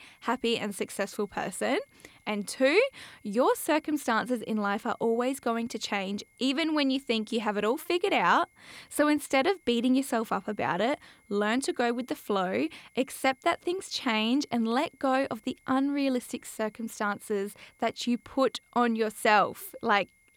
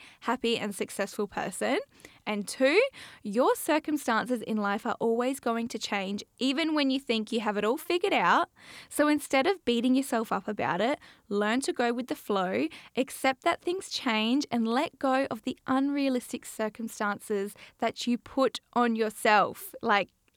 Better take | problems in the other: second | high-pitched whine; faint; throughout; 2 kHz, 35 dB below the speech

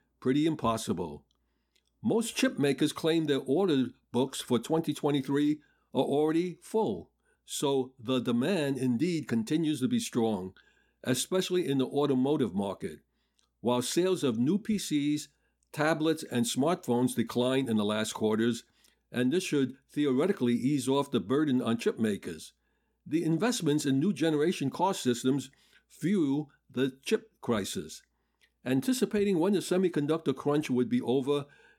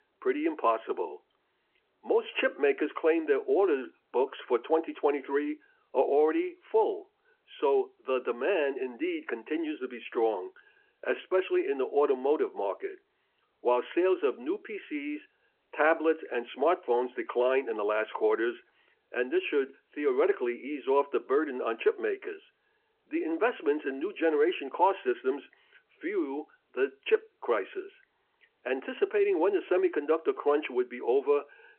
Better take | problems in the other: first | phone-call audio

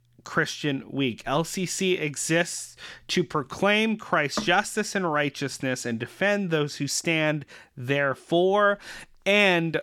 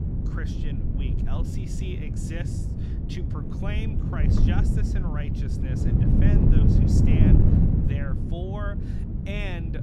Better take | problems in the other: first | wind noise on the microphone; heavy; 4 dB above the speech

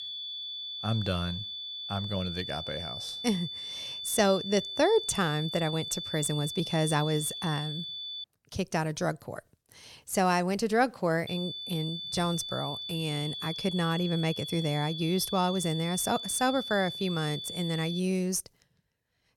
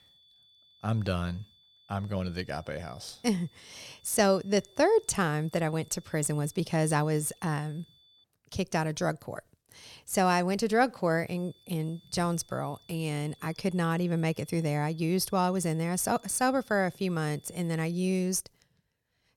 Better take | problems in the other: second | high-pitched whine; loud; until 8 s and from 11 to 18 s; 3.5 kHz, 6 dB below the speech; faint in the second

